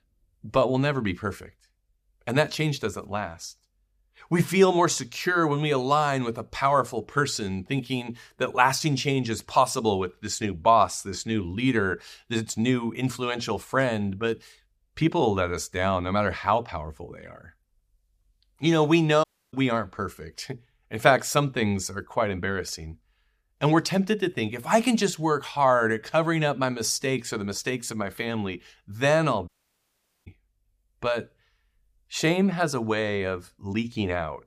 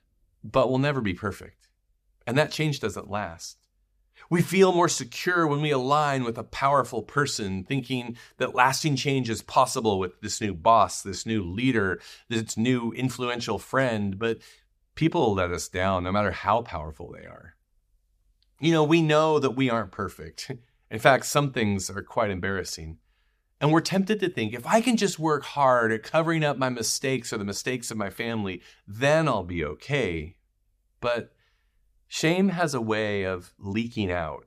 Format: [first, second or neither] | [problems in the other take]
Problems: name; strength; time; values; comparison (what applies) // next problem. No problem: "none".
second | audio cutting out; at 19 s and at 29 s for 1 s